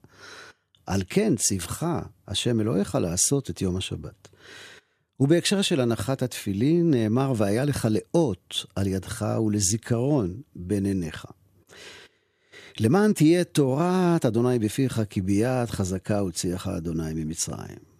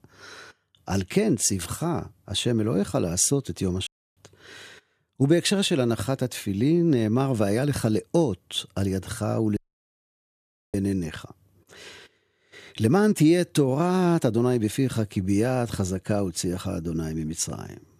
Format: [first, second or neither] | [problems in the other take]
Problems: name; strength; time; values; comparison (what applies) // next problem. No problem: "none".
first | audio cutting out; at 4 s and at 9.5 s for 1 s